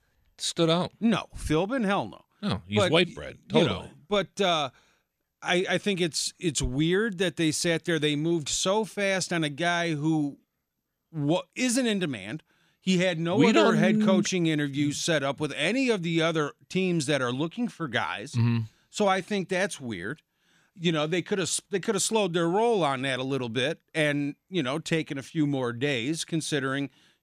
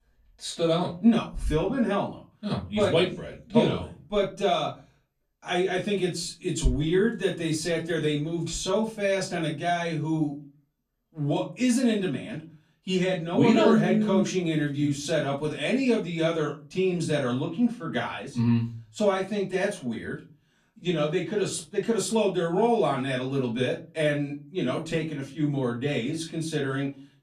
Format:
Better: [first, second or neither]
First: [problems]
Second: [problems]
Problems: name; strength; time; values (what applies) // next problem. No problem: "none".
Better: first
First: none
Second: off-mic speech; far // room echo; very slight; dies away in 0.3 s